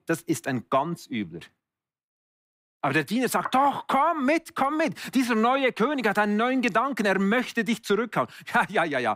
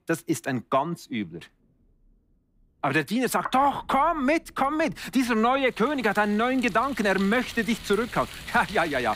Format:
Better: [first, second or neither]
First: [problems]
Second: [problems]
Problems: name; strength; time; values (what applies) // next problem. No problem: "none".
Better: first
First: none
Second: rain or running water; noticeable; throughout; 20 dB below the speech